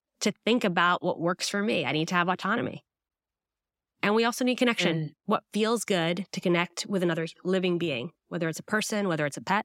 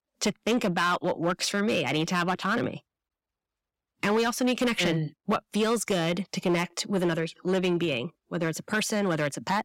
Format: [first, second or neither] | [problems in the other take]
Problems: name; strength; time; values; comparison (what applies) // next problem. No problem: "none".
first | distortion; slight; 6% of the sound clipped